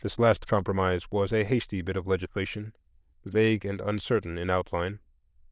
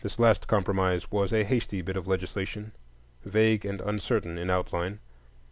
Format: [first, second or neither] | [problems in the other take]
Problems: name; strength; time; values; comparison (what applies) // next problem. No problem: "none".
second | noise reduction (neural diffusion model UNIVERSE++)